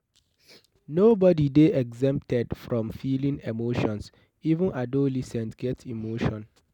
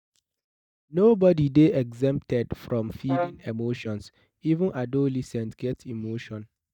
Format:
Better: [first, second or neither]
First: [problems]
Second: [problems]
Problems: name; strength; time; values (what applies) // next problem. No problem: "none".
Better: first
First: none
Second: noise reduction (neural mask model DeepFilterNet 3)